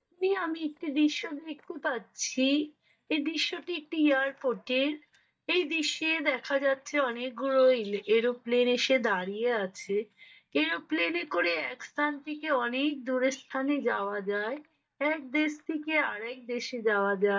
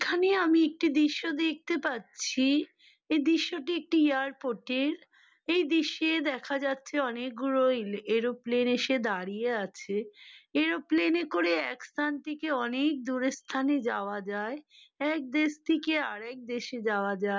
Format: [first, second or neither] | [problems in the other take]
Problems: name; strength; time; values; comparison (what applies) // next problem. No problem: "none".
second | noise reduction (neural mask model DeepFilterNet 3)